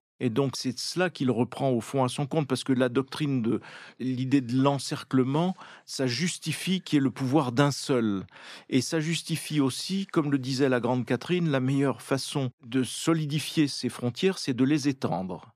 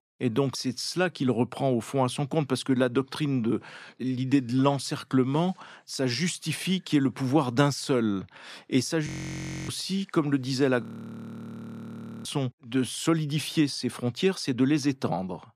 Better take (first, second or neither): first